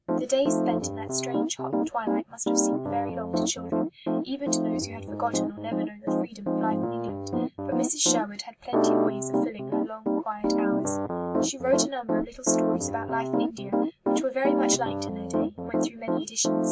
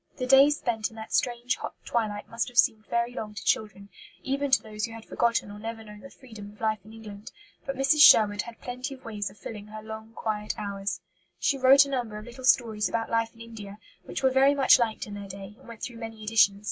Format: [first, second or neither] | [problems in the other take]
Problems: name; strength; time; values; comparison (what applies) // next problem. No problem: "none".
second | background sound (Piano); 5 dB above the speech